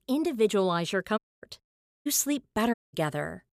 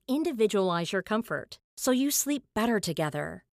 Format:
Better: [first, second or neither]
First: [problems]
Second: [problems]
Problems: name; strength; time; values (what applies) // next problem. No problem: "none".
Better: second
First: audio cutting out; at 1 s, at 1.5 s and at 2.5 s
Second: none